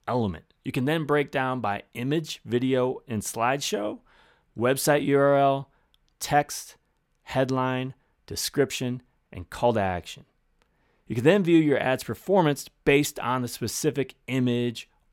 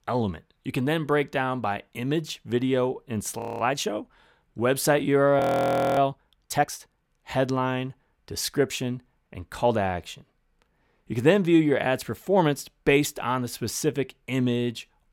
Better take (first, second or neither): first